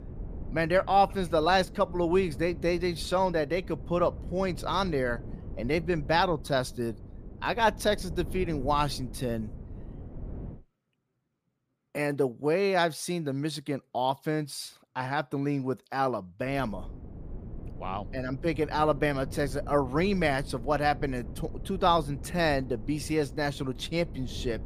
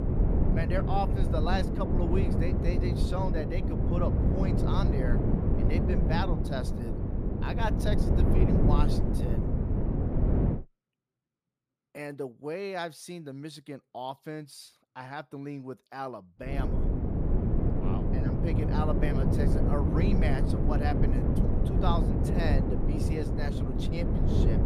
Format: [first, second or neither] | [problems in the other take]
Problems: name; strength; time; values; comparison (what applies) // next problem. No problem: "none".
first | wind noise on the microphone; heavy; until 11 s and from 17 s on; as loud as the speech; occasional gusts in the first